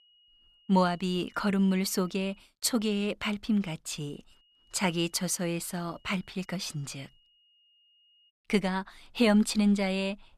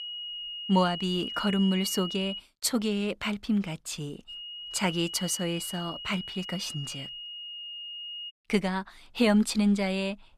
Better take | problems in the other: first | high-pitched whine; loud; until 2.5 s and from 4.5 to 8.5 s; 3 kHz, 8 dB below the speech; faint in the first

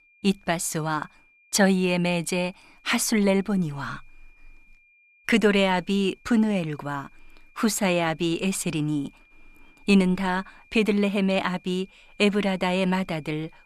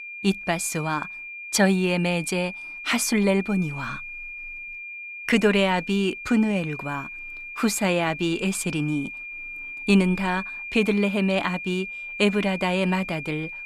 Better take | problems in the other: first | high-pitched whine; loud; throughout; 2.5 kHz, 10 dB below the speech; faint in the first

